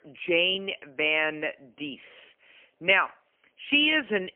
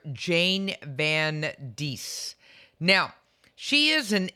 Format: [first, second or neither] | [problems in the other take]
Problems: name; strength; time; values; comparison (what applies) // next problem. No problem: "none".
second | phone-call audio; poor line; nothing above 3 kHz